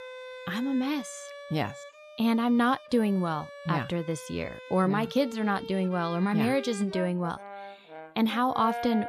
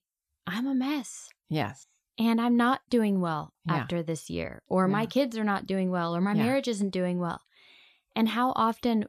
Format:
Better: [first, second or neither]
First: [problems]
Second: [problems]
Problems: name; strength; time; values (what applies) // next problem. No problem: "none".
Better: second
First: background music; noticeable; throughout; 15 dB below the speech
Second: none